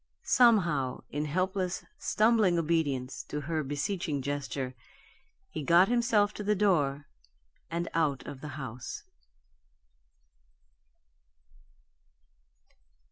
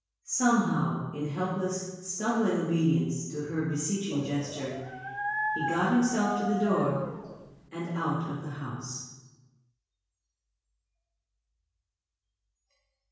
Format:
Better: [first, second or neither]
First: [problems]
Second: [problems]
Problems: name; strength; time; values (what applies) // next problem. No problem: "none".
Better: first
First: none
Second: background sound (Dog); 5 dB below the speech // room echo; dies away in 1 s